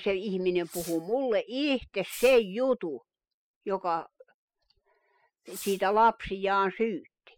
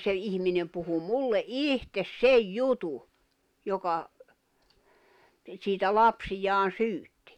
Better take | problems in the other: second | noise reduction (classical method spectral subtraction)

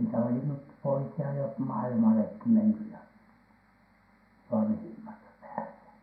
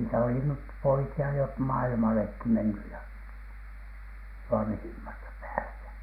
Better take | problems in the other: second | room echo; dies away in 0.4 s

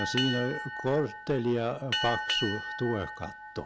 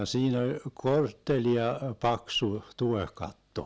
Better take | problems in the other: second | background sound (Boat, Water vehicle); 4 dB below the speech

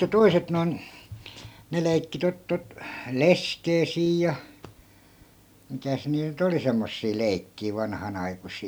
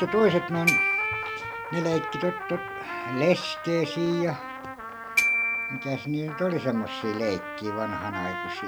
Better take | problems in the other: first | background sound (Glockenspiel + Trumpet); 2 dB below the speech

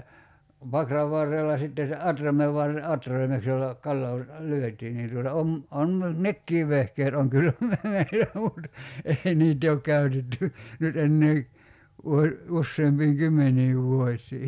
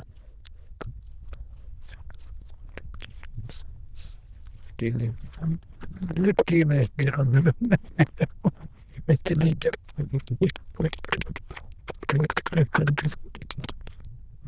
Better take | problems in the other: first | noise reduction (neural diffusion model UNIVERSE++)

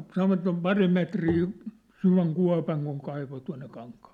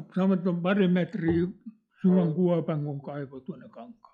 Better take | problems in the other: first | noise reduction (classical method log-MMSE)

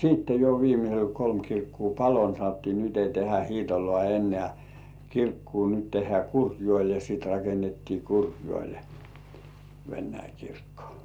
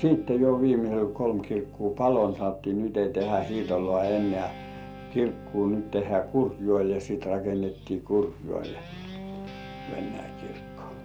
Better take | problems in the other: first | background sound (Guitar); 16 dB below the speech

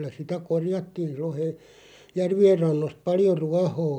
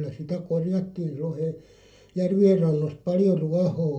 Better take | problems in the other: first | room echo; dies away in 0.2 s

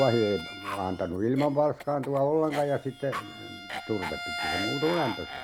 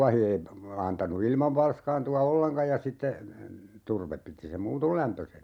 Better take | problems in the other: second | background sound (Cough + Bowed string instrument); 9 dB below the speech

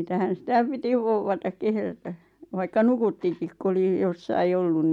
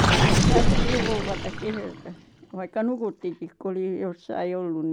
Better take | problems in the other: first | background sound (Gurgling); 5 dB above the speech

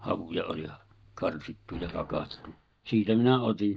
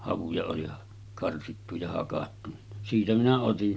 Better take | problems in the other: second | noise reduction (neural mask model DeepFilterNet 3)

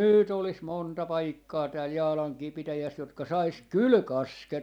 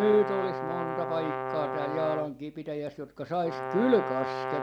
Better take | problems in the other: first | background sound (Brass instrument); 4 dB below the speech

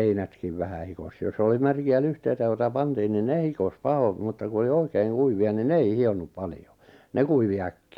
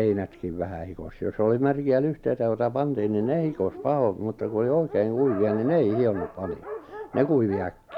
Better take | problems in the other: first | background sound (Dog); 15 dB below the speech

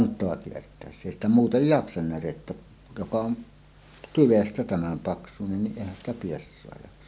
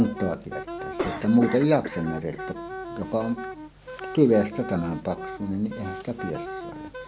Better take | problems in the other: first | background sound (Cough + Wind instrument, woodwind instrument); 9 dB below the speech

